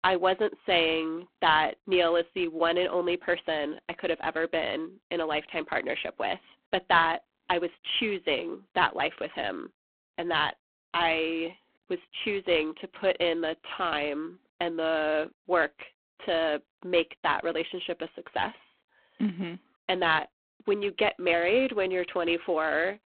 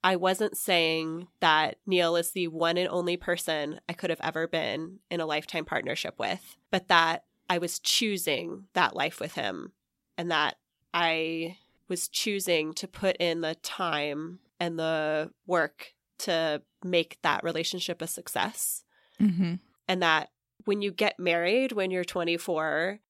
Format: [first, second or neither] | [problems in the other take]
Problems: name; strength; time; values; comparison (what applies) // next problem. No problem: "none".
second | phone-call audio; poor line